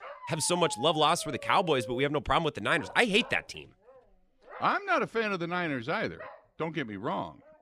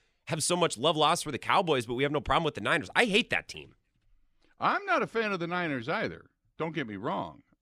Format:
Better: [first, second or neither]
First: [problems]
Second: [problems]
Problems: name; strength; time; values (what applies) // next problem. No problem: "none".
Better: second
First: dog barking; faint; peak 10 dB below the speech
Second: none